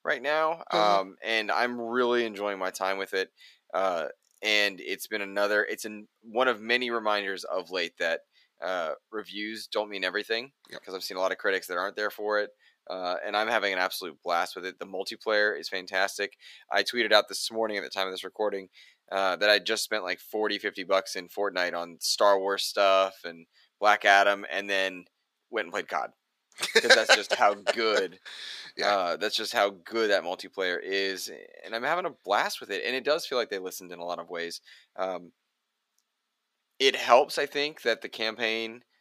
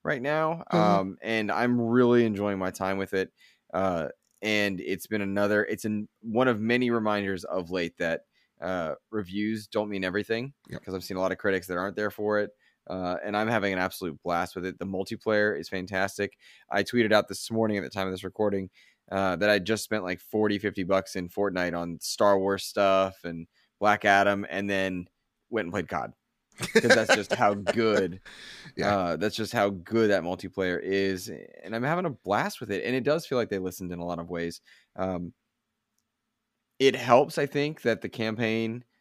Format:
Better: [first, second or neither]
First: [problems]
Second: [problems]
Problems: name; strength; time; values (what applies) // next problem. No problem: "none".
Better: second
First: thin; somewhat; fading below 500 Hz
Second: none